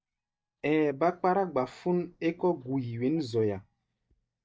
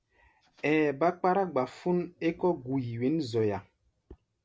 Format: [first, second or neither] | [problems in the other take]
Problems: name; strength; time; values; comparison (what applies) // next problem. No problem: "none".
second | noise reduction (neural mask model DeepFilterNet 3)